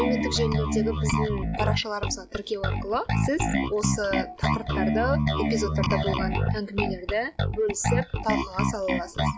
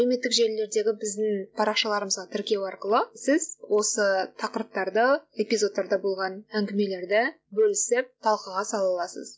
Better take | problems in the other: second | background sound (Bass guitar); 3 dB above the speech

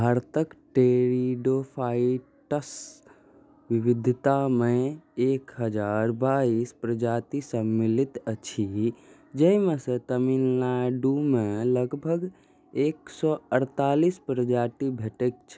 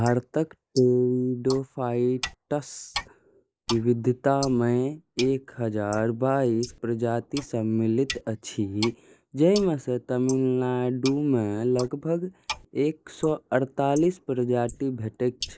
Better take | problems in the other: first | noise reduction (neural mask model Resemble Enhance denoiser)

